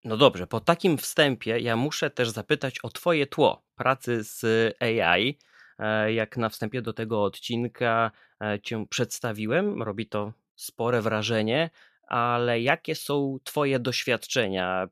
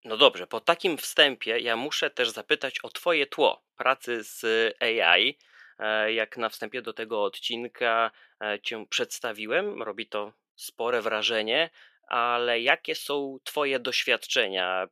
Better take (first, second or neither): first